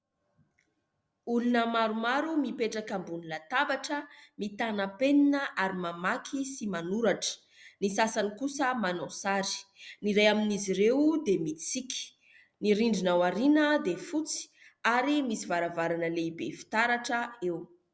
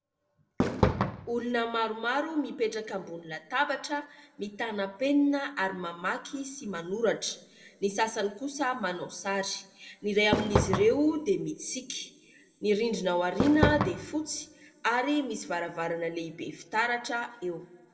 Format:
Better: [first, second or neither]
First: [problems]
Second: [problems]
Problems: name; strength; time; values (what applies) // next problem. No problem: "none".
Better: first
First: none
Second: background sound (Fireworks); as loud as the speech // room echo; dies away in 1 s